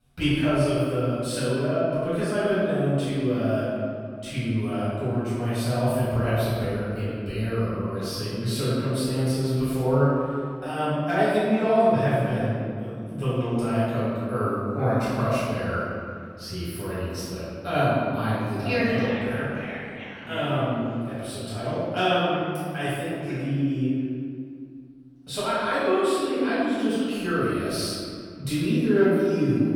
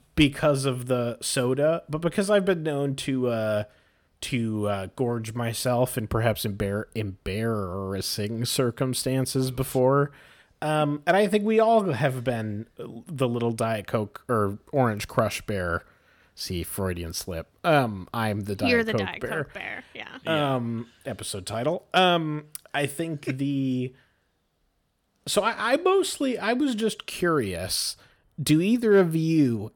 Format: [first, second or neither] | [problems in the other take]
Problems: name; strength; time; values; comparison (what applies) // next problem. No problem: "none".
second | off-mic speech; far // room echo; strong; dies away in 2.2 s